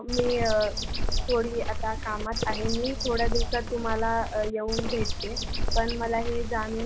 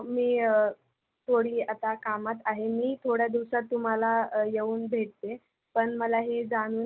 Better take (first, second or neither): second